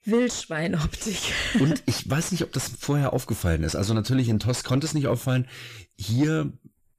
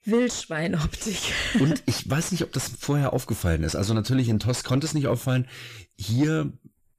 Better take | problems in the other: neither | distortion; slight; 10 dB below the speech; the same in both

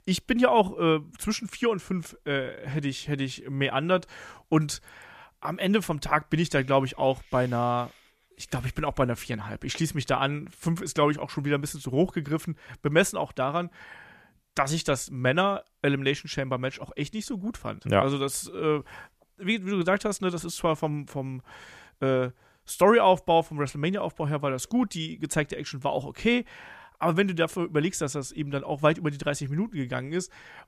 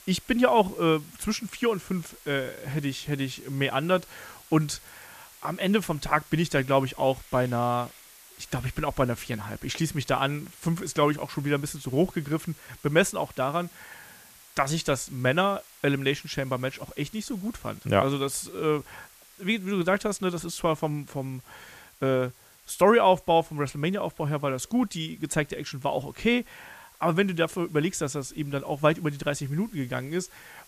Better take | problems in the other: first | hiss; faint; throughout; 25 dB below the speech

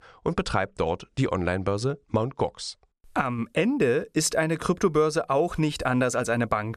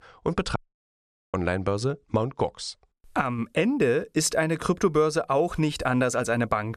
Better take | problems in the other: first | audio cutting out; at 0.5 s for 1 s

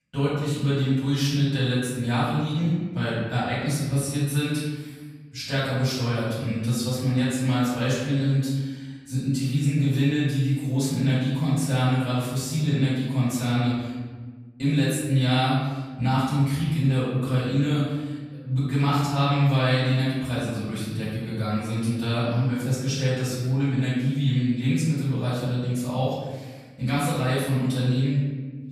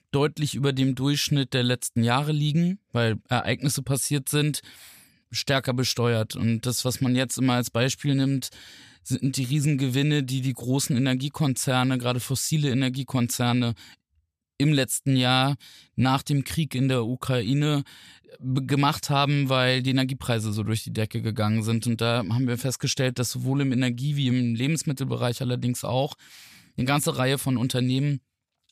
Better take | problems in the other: second | off-mic speech; far // room echo; strong; dies away in 1.3 s

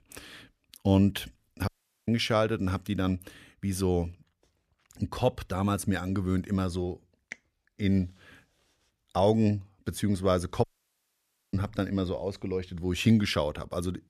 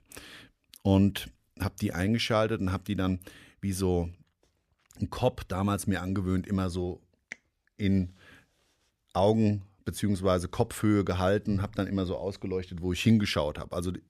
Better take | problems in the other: second | audio cutting out; at 1.5 s and at 11 s for 1 s

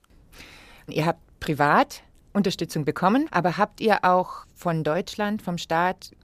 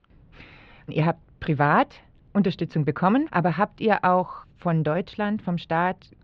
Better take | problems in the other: first | muffled; slightly; fading above 3.5 kHz

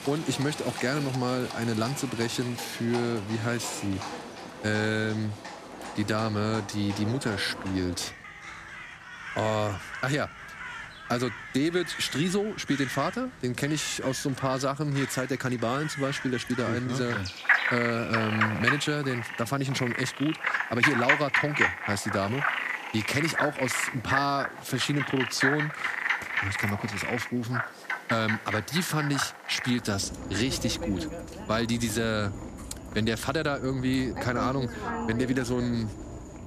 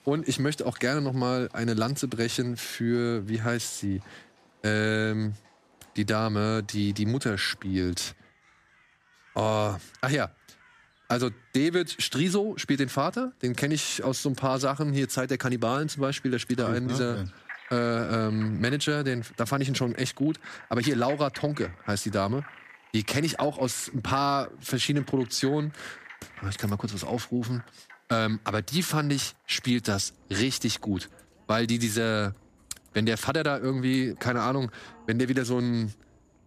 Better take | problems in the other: second | animal sounds; loud; throughout; 3 dB below the speech; faint in the second

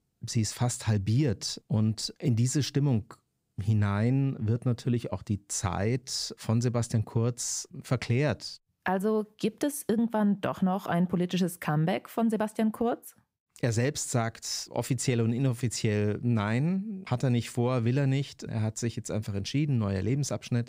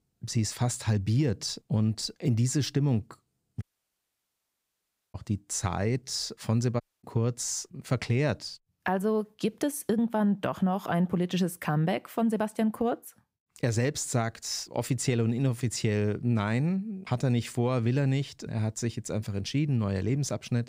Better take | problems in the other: first | audio cutting out; at 3.5 s for 1.5 s and at 7 s

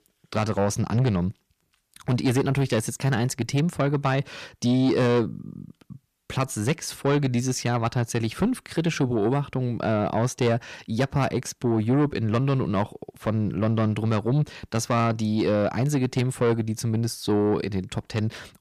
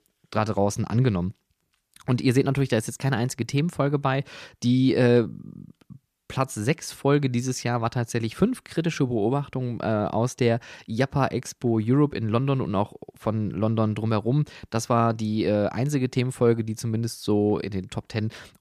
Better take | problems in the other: second | distortion; slight; 10 dB below the speech

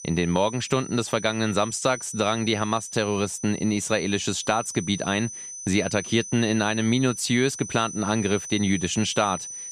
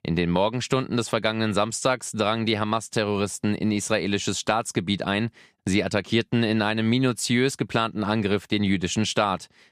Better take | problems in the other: second | high-pitched whine; noticeable; throughout; 6 kHz, 10 dB below the speech

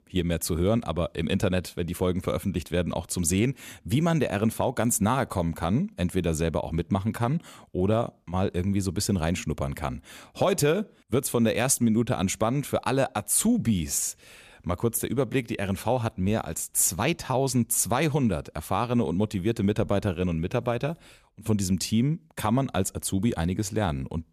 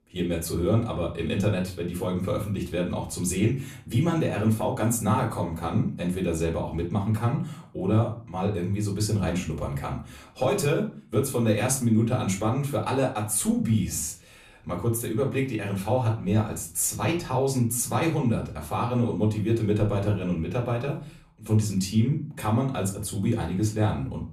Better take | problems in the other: first | off-mic speech; far // room echo; very slight; dies away in 0.3 s

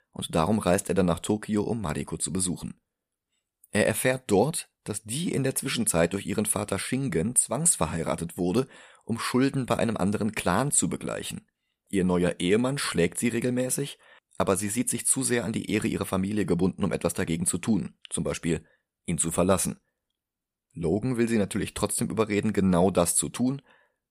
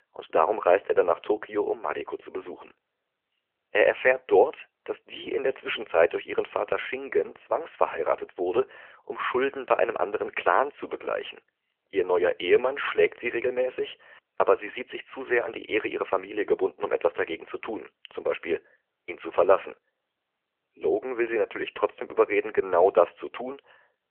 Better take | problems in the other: first | phone-call audio; nothing above 3 kHz

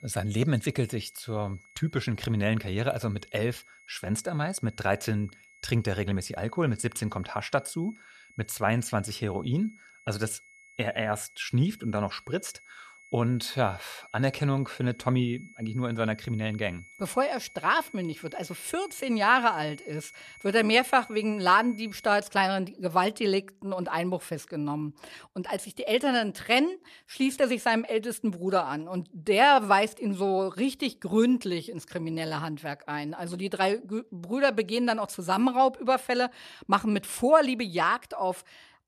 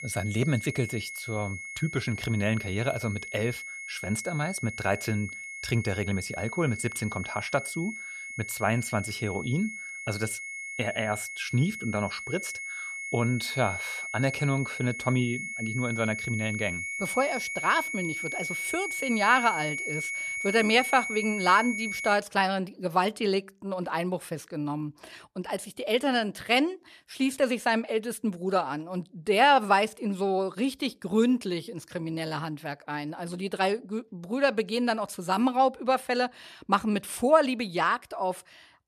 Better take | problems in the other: first | high-pitched whine; loud; until 22 s; 2 kHz, 6 dB below the speech; faint in the first

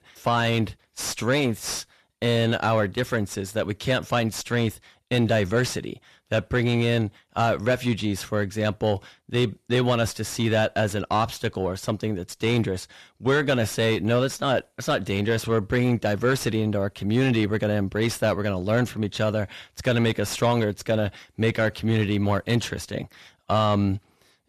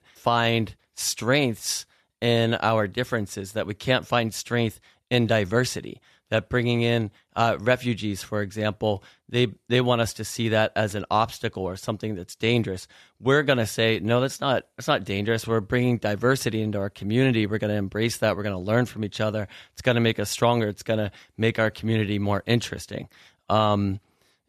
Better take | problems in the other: second | distortion; slight; 10 dB below the speech

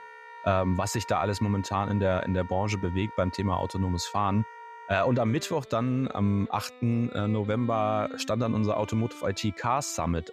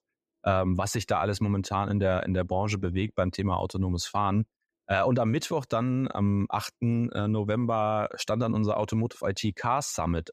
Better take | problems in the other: second | background music; noticeable; throughout; 15 dB below the speech

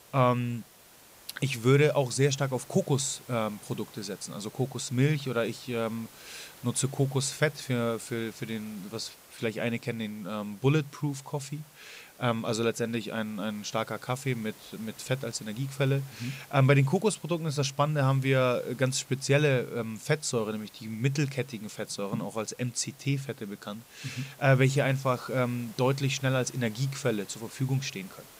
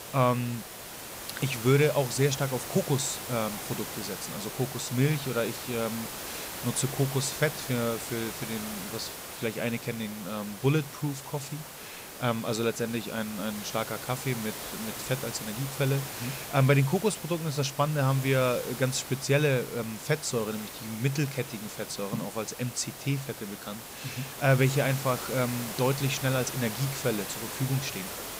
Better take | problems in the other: first | hiss; loud; throughout; 8 dB below the speech; faint in the first

